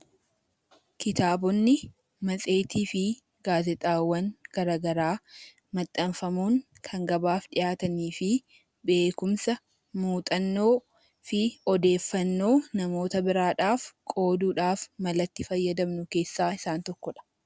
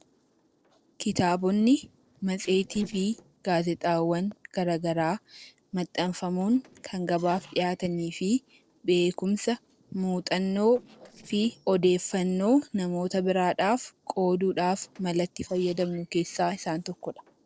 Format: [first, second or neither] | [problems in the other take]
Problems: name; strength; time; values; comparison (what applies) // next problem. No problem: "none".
first | noise reduction (neural separator model SepFormer DNS4)